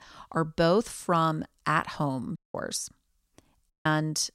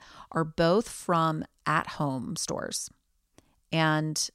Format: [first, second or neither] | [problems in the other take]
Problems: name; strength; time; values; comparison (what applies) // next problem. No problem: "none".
second | audio cutting out; at 2.5 s and at 3.5 s